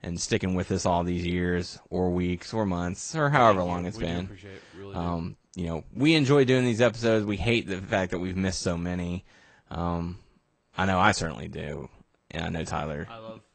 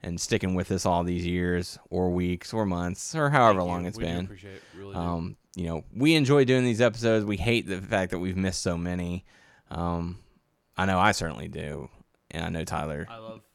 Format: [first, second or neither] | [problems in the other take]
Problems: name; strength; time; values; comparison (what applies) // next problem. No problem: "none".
second | garbled, watery; slightly; nothing above 8.5 kHz